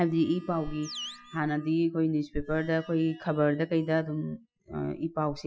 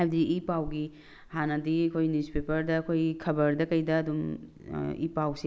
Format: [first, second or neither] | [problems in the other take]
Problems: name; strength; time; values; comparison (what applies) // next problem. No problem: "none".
second | noise reduction (classical method Wiener filter)